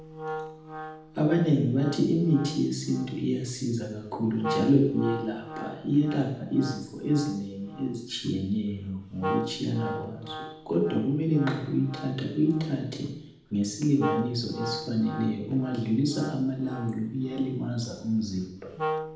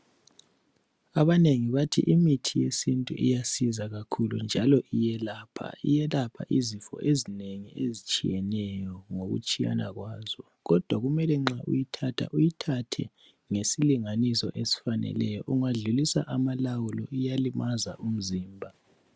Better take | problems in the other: second | background sound (Wind instrument, woodwind instrument); 11 dB below the speech // room echo; dies away in 0.8 s

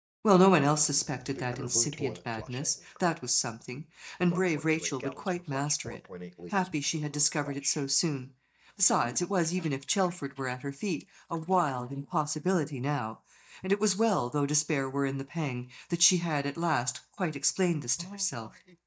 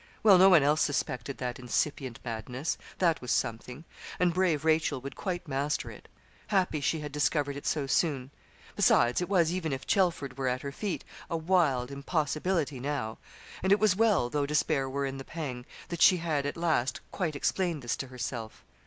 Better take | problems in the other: second | noise reduction (neural mask model DeepFilterNet 3)

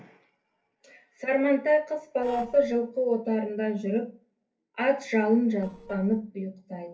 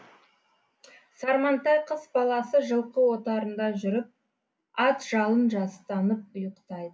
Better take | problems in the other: second | noise reduction (neural separator model SepFormer DNS4)

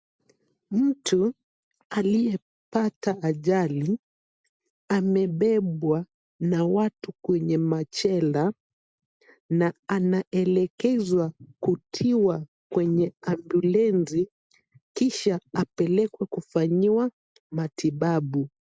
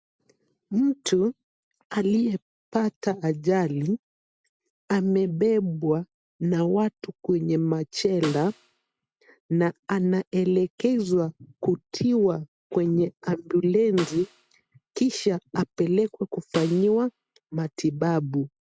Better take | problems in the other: first | background sound (Snare drum); 16 dB below the speech

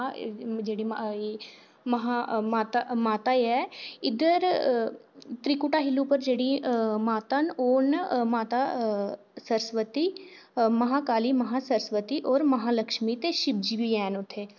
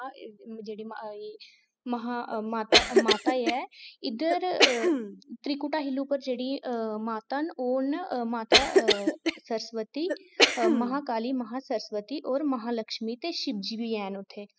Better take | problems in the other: first | noise reduction (classical method spectral subtraction)

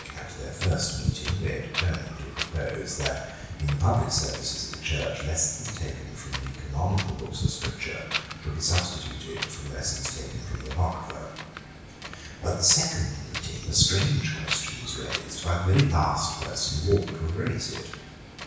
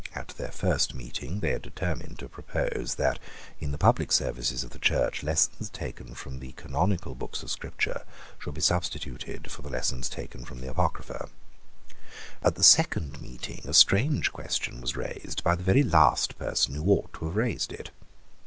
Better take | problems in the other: second | background sound (Wind); 7 dB below the speech // room echo; dies away in 1.1 s

